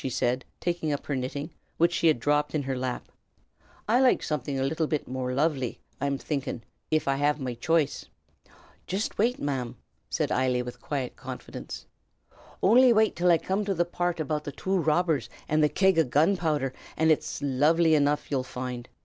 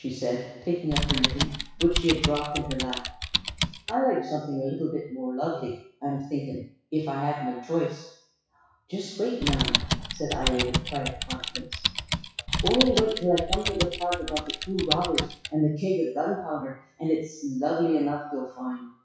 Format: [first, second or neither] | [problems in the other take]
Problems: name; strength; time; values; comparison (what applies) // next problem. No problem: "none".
first | noise reduction (classical method WPE with log-MMSE)